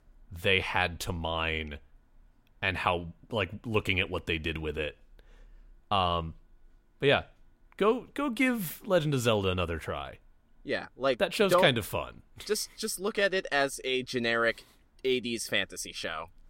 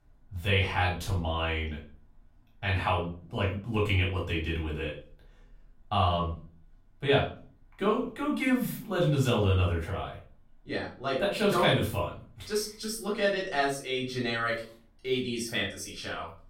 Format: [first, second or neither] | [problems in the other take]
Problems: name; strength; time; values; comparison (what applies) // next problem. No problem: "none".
first | off-mic speech; far // room echo; slight; dies away in 0.4 s